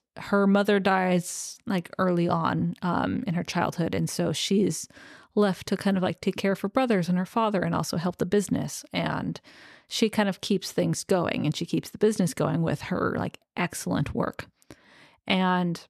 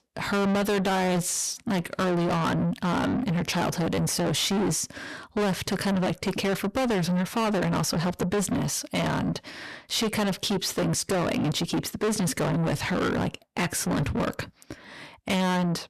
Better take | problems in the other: first | distortion; heavy; 6 dB below the speech

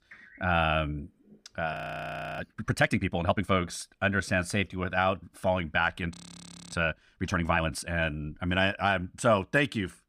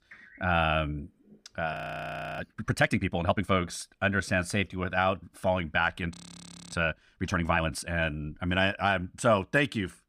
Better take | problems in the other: neither | audio freezing; at 1.5 s for 0.5 s and at 6 s for 0.5 s; the same in both

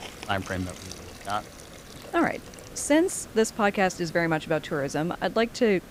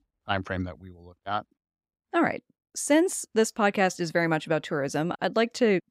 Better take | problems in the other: second | hiss; noticeable; throughout; 15 dB below the speech

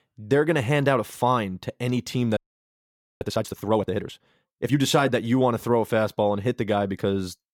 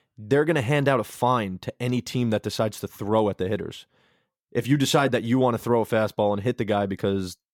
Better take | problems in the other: second | audio freezing; at 2.5 s for 1 s

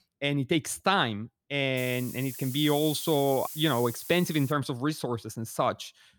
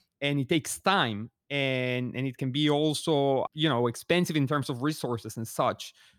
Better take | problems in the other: second | hiss; noticeable; from 2 to 4.5 s; 10 dB below the speech

